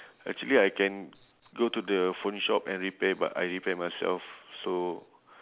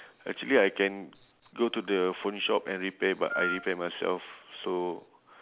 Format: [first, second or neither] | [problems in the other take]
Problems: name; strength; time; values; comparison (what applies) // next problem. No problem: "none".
first | background sound (Wind instrument, woodwind instrument); 4 dB below the speech